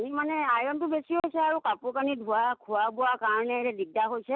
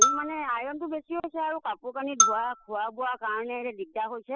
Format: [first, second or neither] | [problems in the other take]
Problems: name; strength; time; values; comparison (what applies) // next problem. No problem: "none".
first | noise reduction (classical method spectral subtraction)